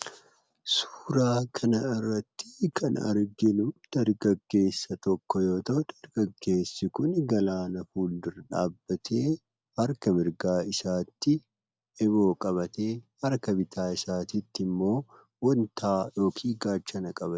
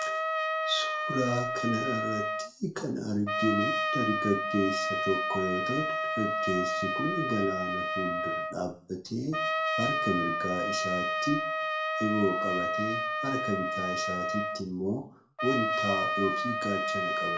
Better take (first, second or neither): first